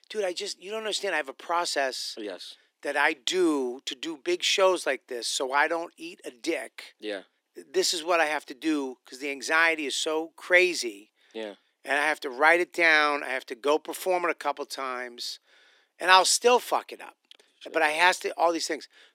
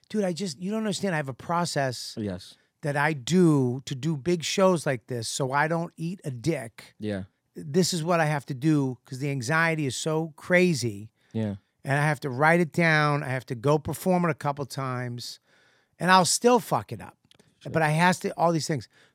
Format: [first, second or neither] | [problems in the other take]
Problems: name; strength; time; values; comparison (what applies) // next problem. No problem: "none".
second | thin; very; fading below 300 Hz